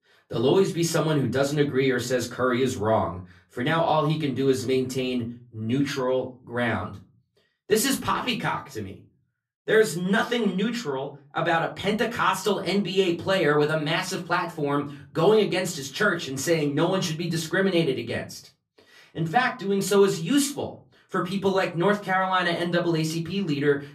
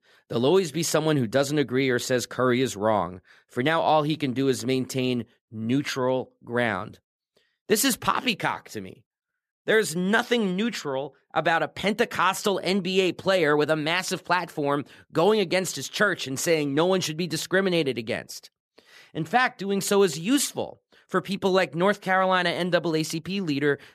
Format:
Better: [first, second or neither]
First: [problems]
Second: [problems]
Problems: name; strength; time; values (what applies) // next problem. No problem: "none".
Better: second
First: off-mic speech; far // room echo; very slight; dies away in 0.3 s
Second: none